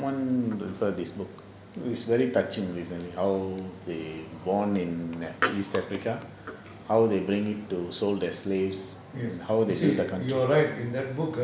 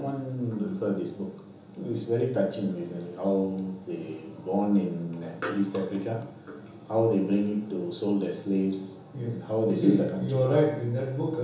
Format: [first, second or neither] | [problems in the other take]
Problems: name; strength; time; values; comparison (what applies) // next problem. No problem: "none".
first | room echo; dies away in 1.2 s